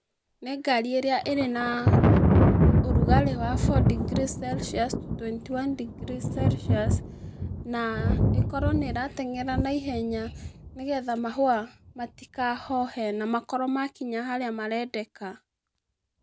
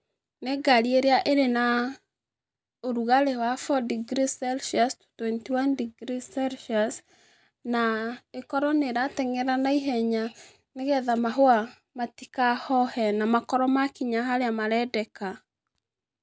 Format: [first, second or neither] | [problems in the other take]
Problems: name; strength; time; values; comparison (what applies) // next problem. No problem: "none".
second | background sound (Thunder); 3 dB above the speech